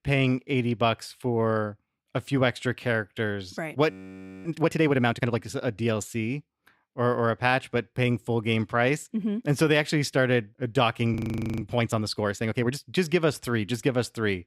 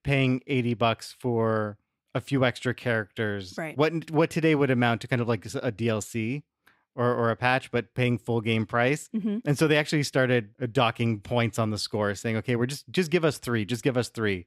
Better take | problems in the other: second | audio freezing; at 4 s for 0.5 s and at 11 s

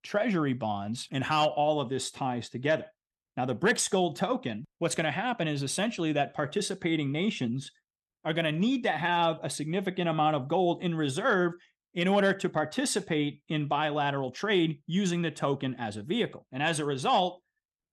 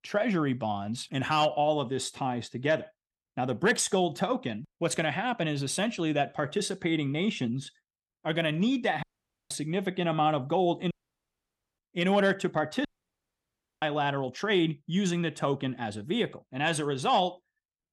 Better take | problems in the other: first | audio cutting out; at 9 s, at 11 s for 1 s and at 13 s for 1 s

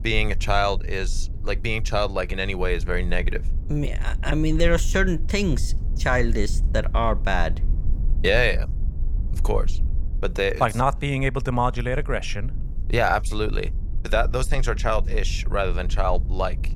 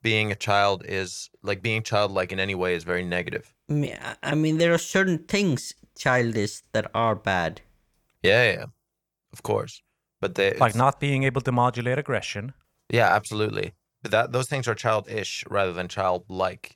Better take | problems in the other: second | low rumble; faint; throughout; 25 dB below the speech

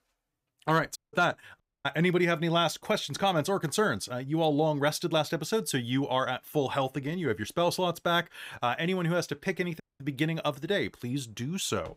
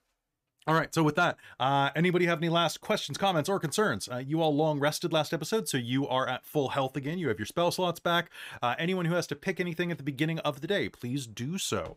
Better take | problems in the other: second | audio cutting out; at 1 s, at 1.5 s and at 10 s

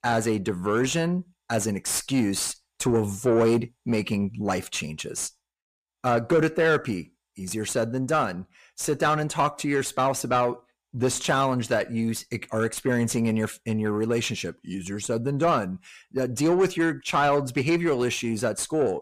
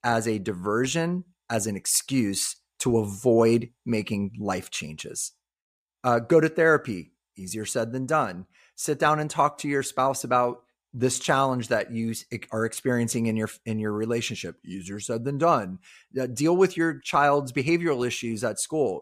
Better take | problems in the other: second | distortion; slight; 10 dB below the speech

